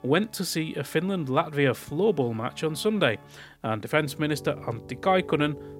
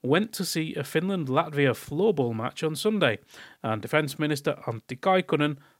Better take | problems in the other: second | background music; noticeable; throughout; 20 dB below the speech

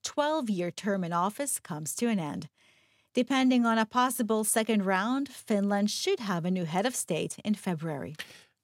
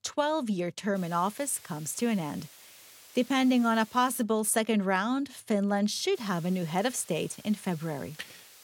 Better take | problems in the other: first | hiss; faint; from 1 to 4 s and from 6 s on; 20 dB below the speech

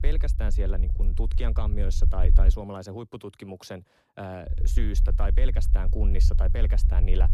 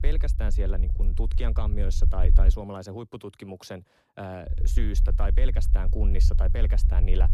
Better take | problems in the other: neither | low rumble; loud; until 2.5 s and from 4.5 s on; 8 dB below the speech; the same in both

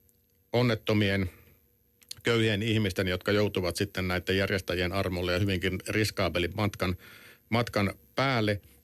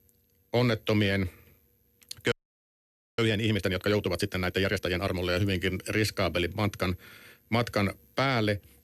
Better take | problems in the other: first | audio freezing; at 2.5 s for 1 s

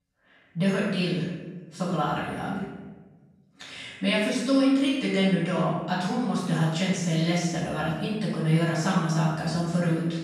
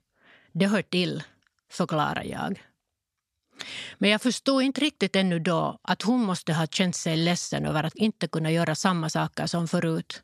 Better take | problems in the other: second | off-mic speech; far // room echo; strong; dies away in 1.1 s

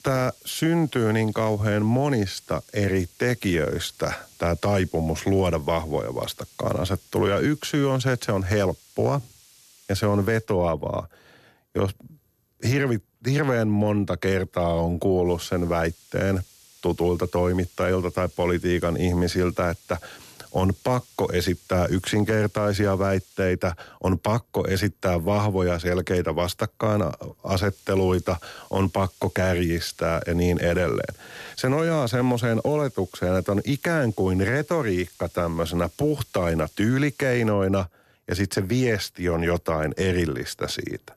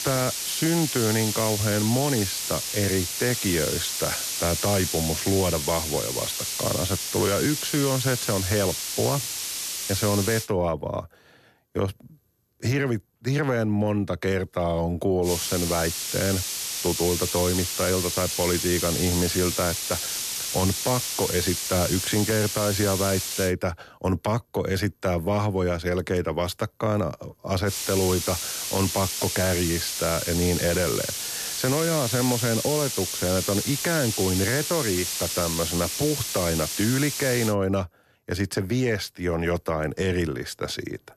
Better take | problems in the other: first | hiss; loud; until 10 s, from 15 to 23 s and from 28 to 38 s; 1 dB below the speech; faint in the first

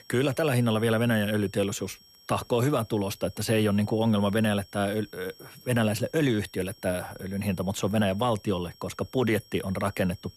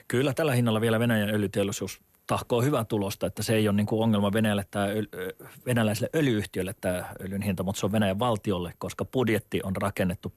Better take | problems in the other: second | high-pitched whine; faint; throughout; 5.5 kHz, 25 dB below the speech

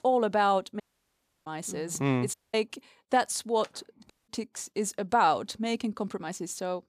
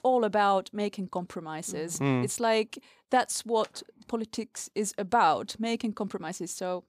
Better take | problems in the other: second | audio cutting out; at 1 s for 0.5 s, at 2.5 s and at 4 s

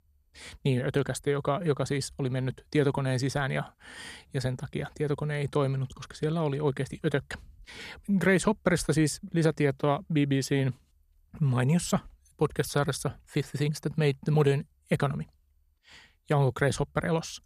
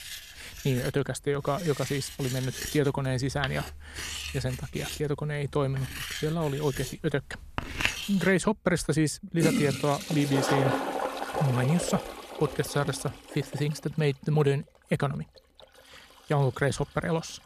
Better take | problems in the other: first | household noises; loud; throughout; 5 dB below the speech

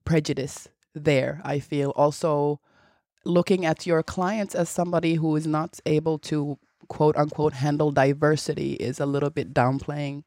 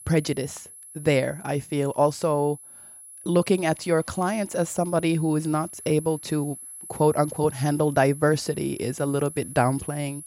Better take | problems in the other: first | high-pitched whine; noticeable; throughout; 11 kHz, 15 dB below the speech

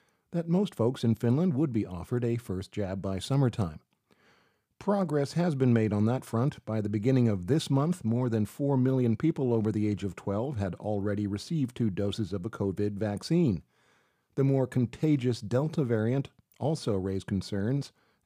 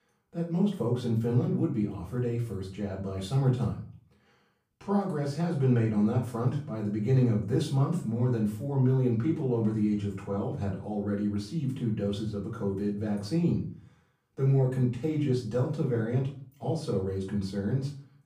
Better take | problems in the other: first | off-mic speech; far // room echo; slight; dies away in 0.4 s

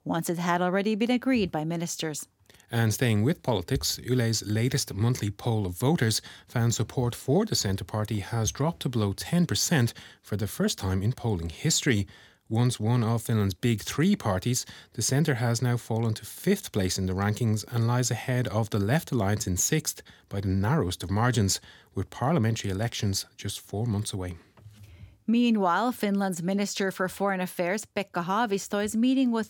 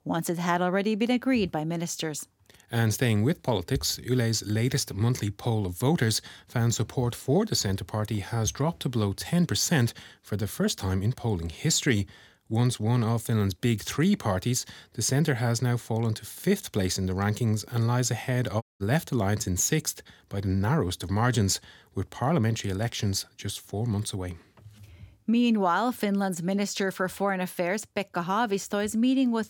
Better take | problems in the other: first | audio cutting out; at 19 s

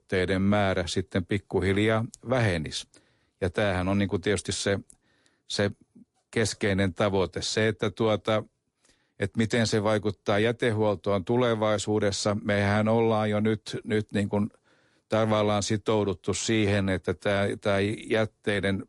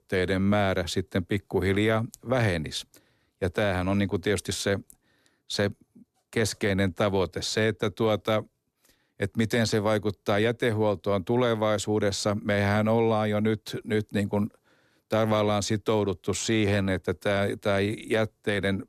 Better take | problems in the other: second | garbled, watery; slightly

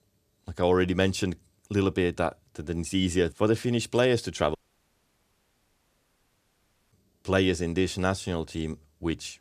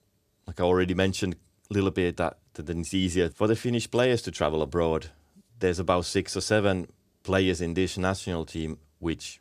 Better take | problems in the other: second | audio cutting out; at 4.5 s for 2.5 s

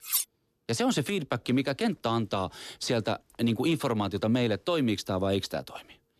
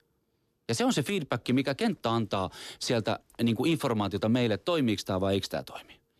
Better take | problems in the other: second | clattering dishes; loud; at the start; peak level with the speech

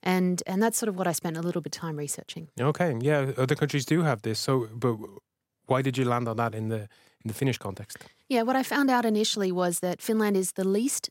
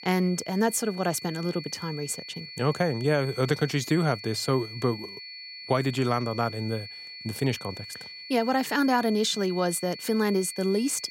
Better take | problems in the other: first | high-pitched whine; noticeable; throughout; 4.5 kHz, 10 dB below the speech

